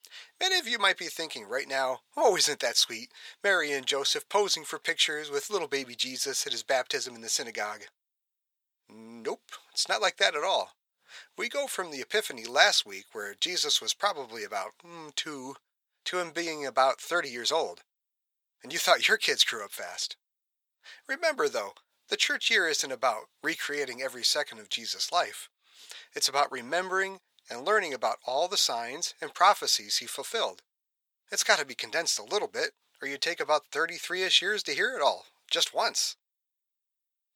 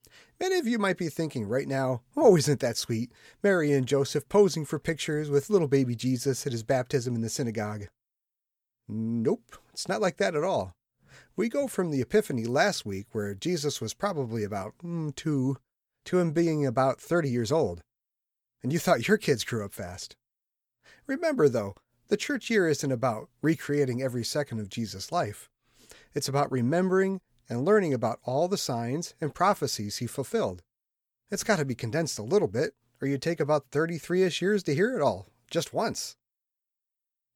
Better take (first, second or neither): second